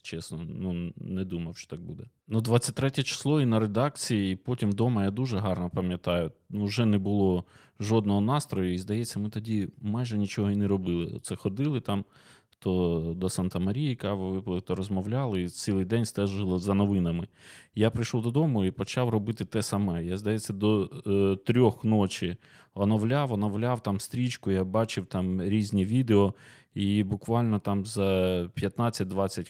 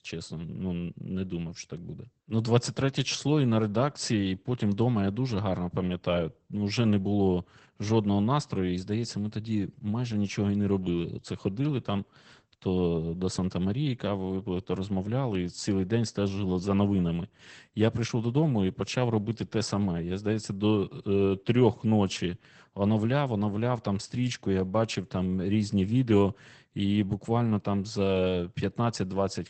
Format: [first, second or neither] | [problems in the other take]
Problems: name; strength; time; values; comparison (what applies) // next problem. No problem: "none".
first | garbled, watery; badly; nothing above 8 kHz; slightly in the first